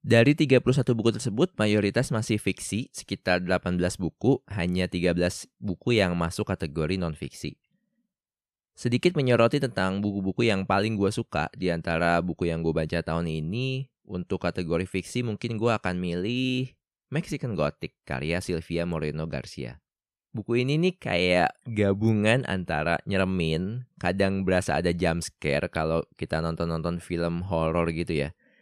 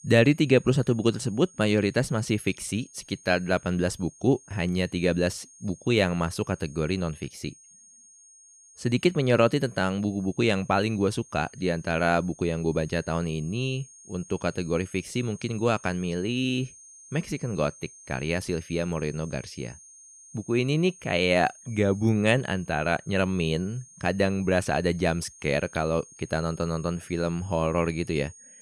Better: first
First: none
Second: high-pitched whine; faint; throughout; 6.5 kHz, 20 dB below the speech

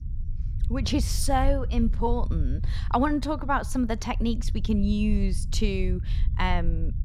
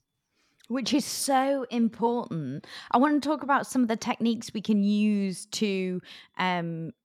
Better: second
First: low rumble; noticeable; throughout; 20 dB below the speech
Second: none

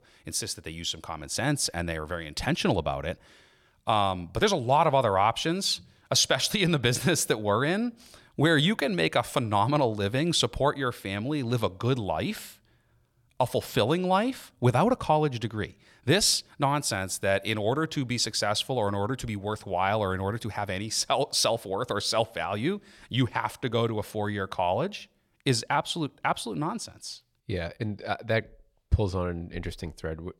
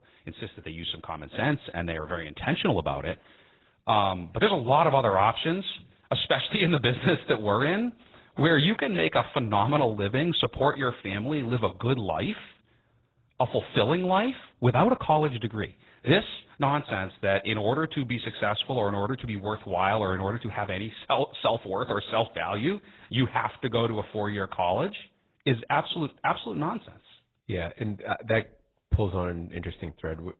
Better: first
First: none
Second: garbled, watery; badly; nothing above 4 kHz

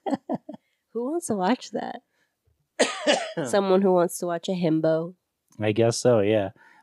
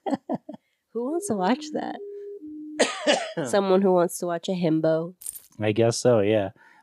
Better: first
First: none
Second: siren; faint; from 1 to 3 s; peak 15 dB below the speech // jangling keys; faint; at 5 s; peak 10 dB below the speech

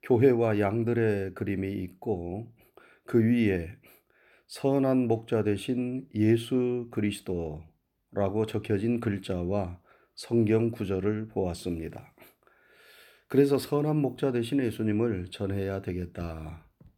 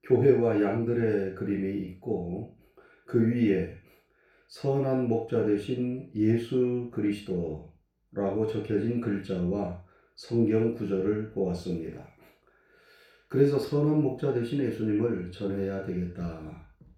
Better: first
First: none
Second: room echo; noticeable; dies away in 0.3 s // off-mic speech; far

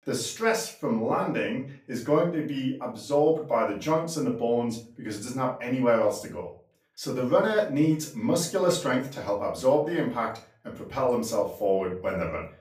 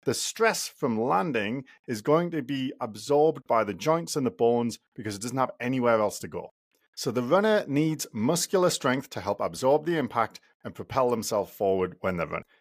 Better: second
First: off-mic speech; far // room echo; slight; dies away in 0.3 s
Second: none

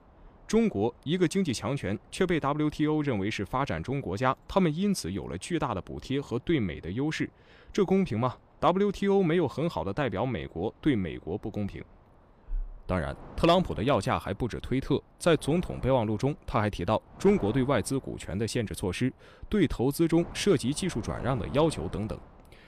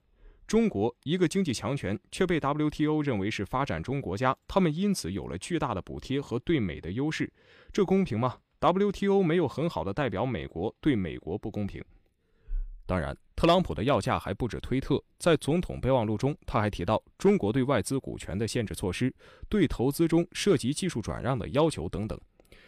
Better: second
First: wind noise on the microphone; occasional gusts; 25 dB below the speech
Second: none

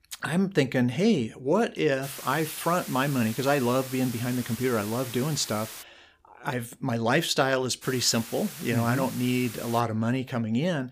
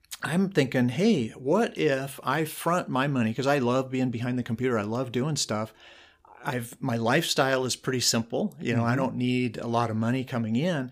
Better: second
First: hiss; noticeable; from 2 to 6 s and from 8 to 10 s; 10 dB below the speech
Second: none

